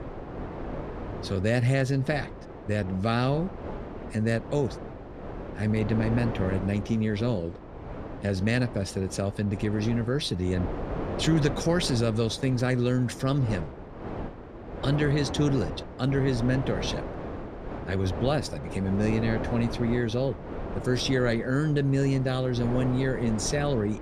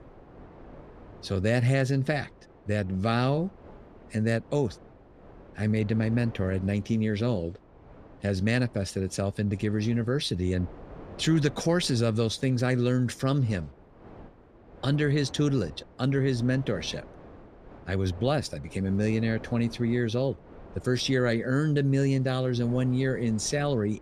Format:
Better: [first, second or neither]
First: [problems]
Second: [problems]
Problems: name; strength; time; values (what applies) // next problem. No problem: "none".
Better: second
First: wind noise on the microphone; heavy; 8 dB below the speech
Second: wind noise on the microphone; occasional gusts; 20 dB below the speech